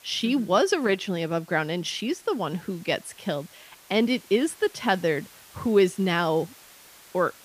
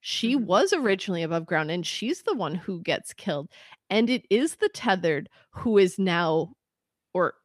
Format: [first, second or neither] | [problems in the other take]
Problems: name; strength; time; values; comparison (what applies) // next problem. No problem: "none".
second | hiss; faint; throughout; 25 dB below the speech